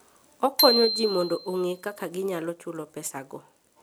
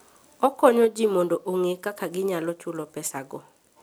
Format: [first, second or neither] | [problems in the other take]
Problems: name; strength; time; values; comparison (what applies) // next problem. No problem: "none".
second | background sound (Bicycle bell); 3 dB below the speech